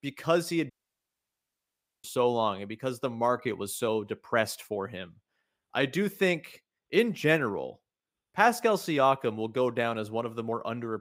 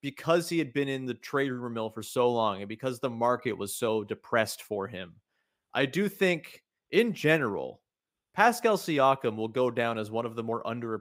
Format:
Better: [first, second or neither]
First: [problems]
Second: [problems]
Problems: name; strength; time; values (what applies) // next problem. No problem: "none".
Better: second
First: audio cutting out; at 0.5 s for 1.5 s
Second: none